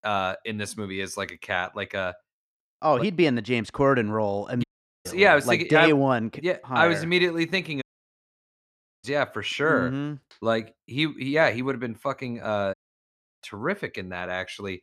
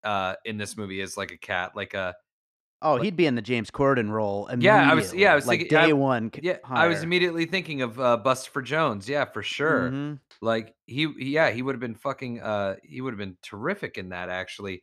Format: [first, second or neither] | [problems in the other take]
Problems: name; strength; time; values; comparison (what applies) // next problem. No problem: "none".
second | audio cutting out; at 4.5 s, at 8 s for 1 s and at 13 s for 0.5 s